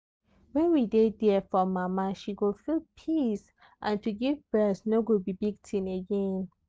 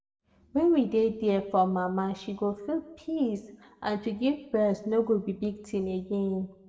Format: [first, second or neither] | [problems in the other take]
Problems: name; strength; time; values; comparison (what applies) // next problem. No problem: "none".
first | room echo; dies away in 0.8 s